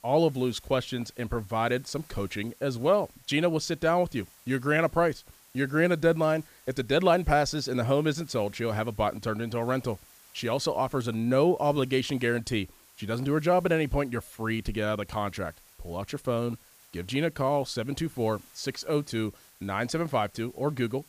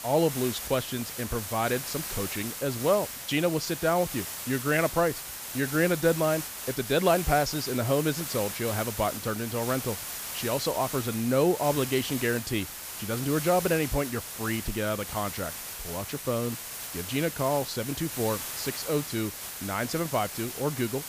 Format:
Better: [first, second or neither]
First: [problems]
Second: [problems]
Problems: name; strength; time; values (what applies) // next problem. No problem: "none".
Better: first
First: hiss; faint; throughout; 25 dB below the speech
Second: hiss; loud; throughout; 6 dB below the speech